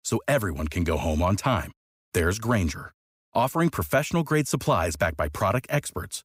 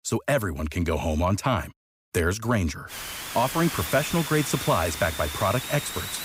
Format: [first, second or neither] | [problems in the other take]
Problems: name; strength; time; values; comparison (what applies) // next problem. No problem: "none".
first | hiss; loud; from 3 s on; 6 dB below the speech